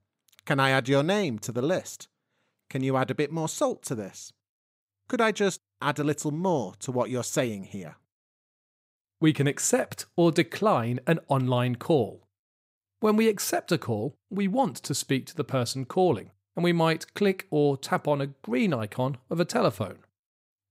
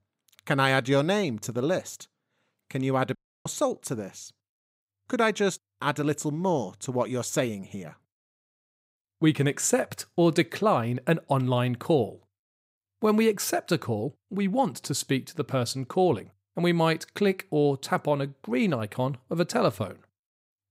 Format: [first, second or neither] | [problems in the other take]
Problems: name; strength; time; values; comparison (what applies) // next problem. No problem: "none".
first | audio cutting out; at 3 s